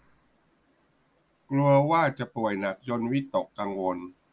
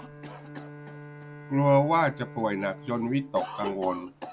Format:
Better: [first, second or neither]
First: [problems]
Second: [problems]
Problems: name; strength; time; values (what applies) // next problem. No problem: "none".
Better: first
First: none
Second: background sound (Cough + Bowed string instrument); 13 dB below the speech